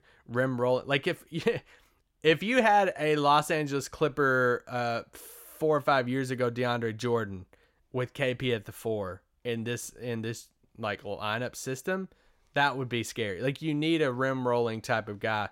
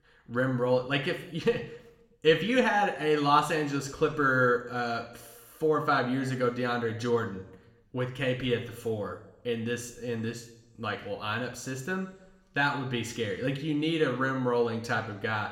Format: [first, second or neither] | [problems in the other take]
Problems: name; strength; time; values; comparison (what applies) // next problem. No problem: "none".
first | room echo; slight; dies away in 0.7 s